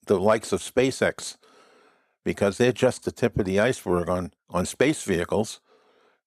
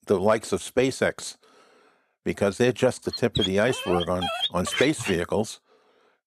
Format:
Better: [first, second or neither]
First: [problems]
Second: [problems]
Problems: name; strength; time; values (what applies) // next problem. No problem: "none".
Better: first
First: none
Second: dog barking; noticeable; from 3 to 5 s; peak 1 dB below the speech